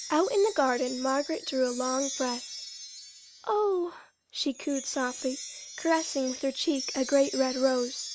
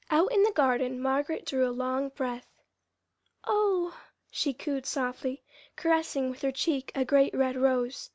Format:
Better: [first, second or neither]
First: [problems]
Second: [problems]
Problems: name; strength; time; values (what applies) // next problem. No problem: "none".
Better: second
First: background sound (Wind chime); 11 dB below the speech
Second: none